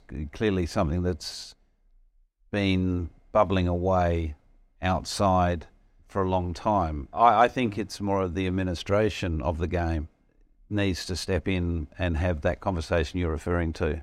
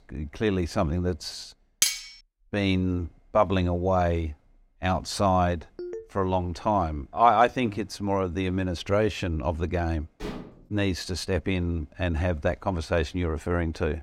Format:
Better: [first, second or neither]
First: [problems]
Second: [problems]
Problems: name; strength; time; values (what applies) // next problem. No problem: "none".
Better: first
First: none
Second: clattering dishes; loud; at 2 s; peak 3 dB above the speech // phone ringing; faint; at 6 s; peak 10 dB below the speech // clattering dishes; faint; at 10 s; peak 10 dB below the speech